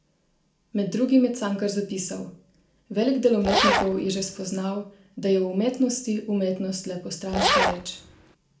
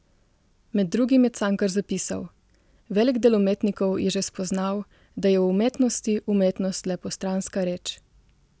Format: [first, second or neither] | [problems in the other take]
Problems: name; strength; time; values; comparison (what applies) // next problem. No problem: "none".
second | background sound (Zipper (clothing)); 1 dB above the speech // room echo; dies away in 0.4 s